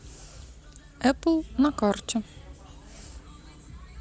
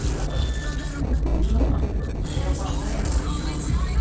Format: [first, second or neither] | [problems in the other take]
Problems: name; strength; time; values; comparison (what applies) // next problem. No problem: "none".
first | noise reduction (neural separator model SepFormer DNS4)